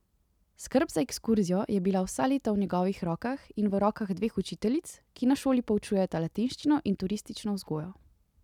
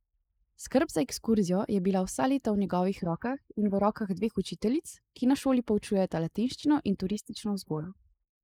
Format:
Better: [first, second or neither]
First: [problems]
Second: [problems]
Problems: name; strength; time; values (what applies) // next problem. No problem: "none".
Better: first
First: none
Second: noise reduction (neural mask model Resemble Enhance denoiser)